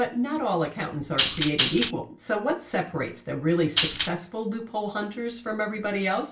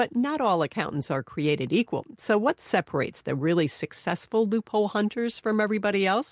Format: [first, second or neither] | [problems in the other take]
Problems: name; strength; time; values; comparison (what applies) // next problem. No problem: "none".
second | background sound (Tambourine); 2 dB above the speech // room echo; dies away in 0.3 s